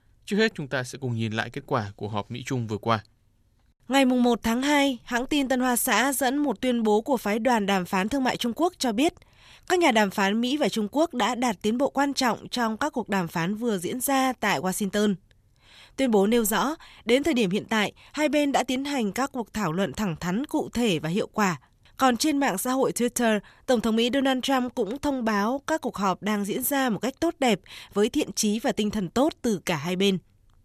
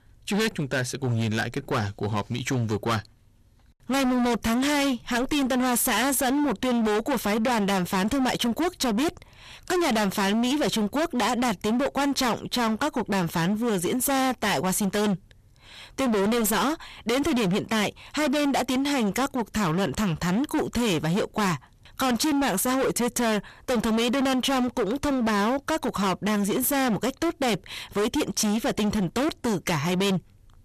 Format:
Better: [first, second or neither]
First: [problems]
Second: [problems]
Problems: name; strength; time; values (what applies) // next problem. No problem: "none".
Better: first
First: none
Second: distortion; heavy; 31% of the sound clipped